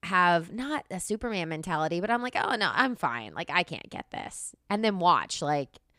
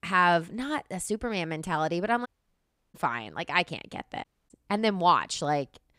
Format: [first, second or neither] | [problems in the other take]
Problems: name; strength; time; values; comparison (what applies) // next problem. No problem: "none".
first | audio cutting out; at 2.5 s for 0.5 s and at 4 s